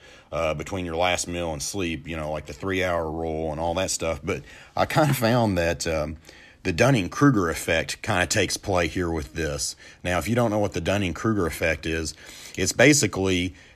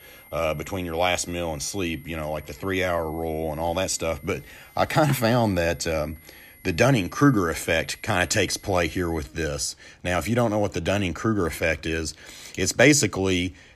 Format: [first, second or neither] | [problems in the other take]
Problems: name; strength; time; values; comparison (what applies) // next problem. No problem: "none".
first | high-pitched whine; faint; until 9 s; 2 kHz, 25 dB below the speech